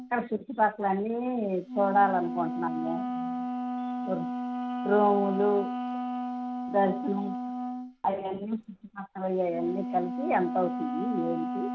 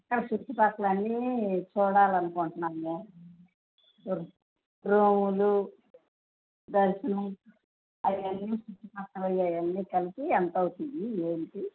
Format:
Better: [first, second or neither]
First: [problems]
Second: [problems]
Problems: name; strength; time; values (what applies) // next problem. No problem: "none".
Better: second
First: background sound (Wind instrument, woodwind instrument); 4 dB below the speech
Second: none